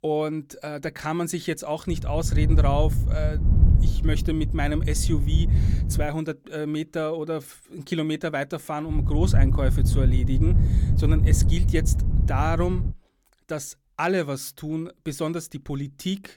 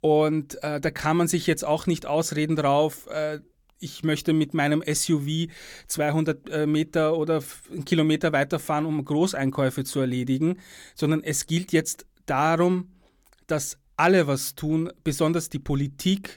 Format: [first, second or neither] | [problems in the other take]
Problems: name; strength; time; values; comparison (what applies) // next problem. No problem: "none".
second | wind noise on the microphone; heavy; from 2 to 6 s and from 9 to 13 s; 8 dB below the speech